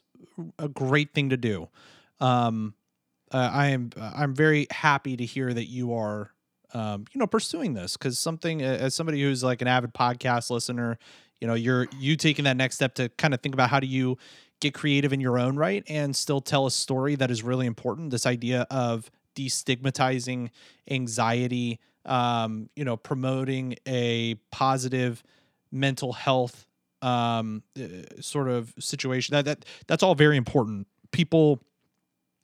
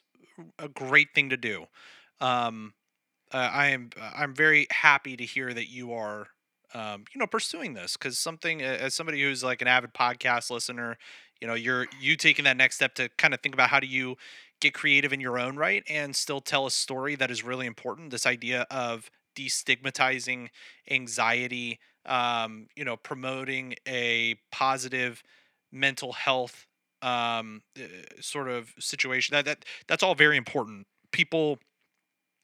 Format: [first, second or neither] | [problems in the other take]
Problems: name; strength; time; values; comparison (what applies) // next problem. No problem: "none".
first | thin; somewhat; fading below 600 Hz